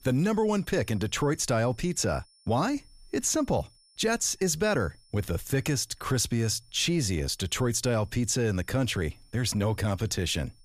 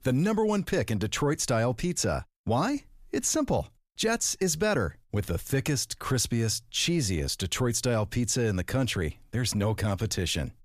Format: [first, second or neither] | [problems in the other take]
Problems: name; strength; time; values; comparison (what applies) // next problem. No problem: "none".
second | high-pitched whine; faint; throughout; 5.5 kHz, 30 dB below the speech